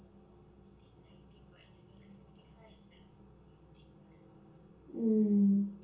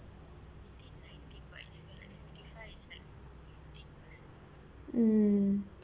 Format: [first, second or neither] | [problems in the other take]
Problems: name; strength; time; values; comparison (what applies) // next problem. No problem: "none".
second | room echo; dies away in 0.6 s